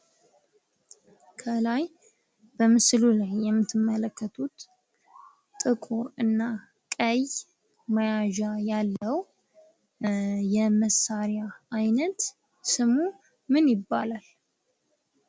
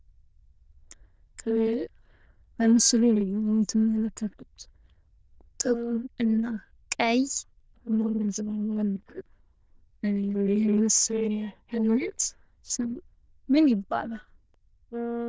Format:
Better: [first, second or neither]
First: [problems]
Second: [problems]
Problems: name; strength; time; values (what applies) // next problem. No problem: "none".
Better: first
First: none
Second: noise reduction (neural diffusion model UNIVERSE++)